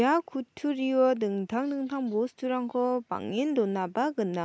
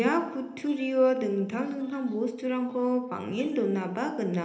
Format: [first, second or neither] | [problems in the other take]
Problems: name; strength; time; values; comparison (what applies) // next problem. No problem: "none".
first | noise reduction (neural separator model SepFormer DNS4)